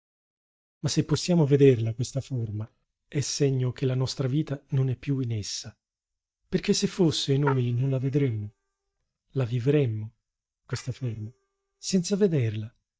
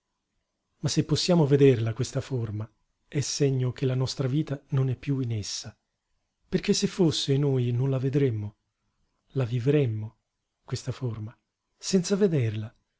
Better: second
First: noise reduction (neural mask model DeepFilterNet 3)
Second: none

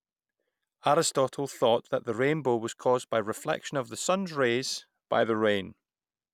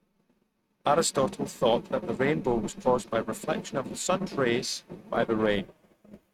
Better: first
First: none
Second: noise reduction (neural mask model RNNoise)

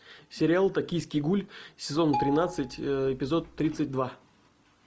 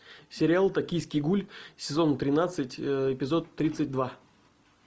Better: second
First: background sound (Marimba, xylophone); 8 dB below the speech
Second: none

